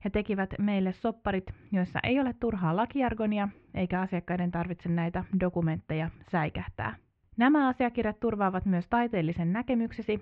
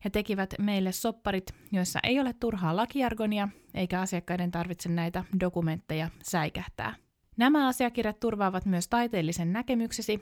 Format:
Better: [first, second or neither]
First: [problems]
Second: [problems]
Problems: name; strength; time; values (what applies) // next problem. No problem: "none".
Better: second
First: muffled; very; fading above 2.5 kHz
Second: none